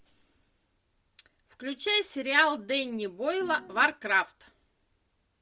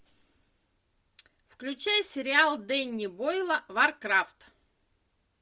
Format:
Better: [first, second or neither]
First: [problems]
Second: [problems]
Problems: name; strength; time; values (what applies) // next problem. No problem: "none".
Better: second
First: background sound (Piano); 15 dB below the speech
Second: none